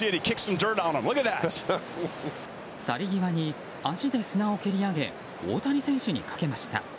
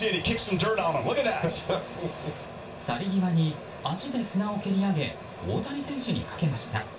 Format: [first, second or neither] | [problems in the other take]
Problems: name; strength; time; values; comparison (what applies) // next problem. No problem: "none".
first | room echo; dies away in 0.3 s